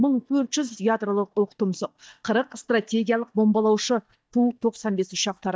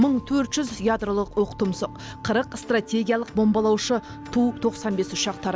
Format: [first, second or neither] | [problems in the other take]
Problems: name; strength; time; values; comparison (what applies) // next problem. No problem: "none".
second | noise reduction (neural mask model DeepFilterNet 3)